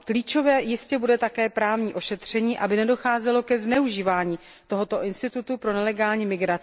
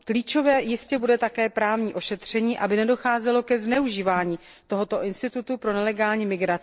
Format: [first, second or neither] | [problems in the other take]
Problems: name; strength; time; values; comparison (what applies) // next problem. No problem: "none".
first | noise reduction (neural separator model SepFormer DNS4)